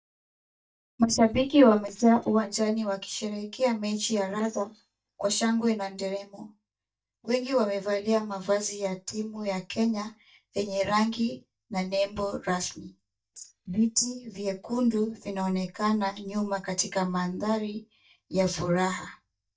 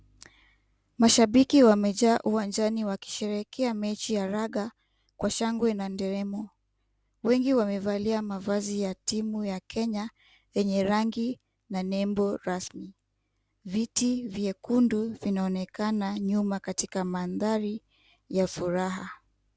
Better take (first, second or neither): second